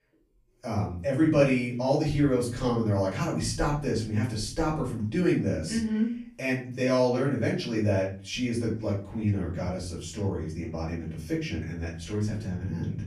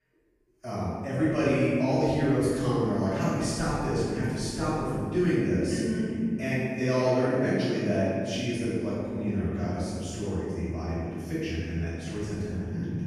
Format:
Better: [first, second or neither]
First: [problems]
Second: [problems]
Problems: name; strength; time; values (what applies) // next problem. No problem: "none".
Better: first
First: room echo; slight; dies away in 0.5 s // off-mic speech; far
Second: room echo; strong; dies away in 2.8 s // off-mic speech; far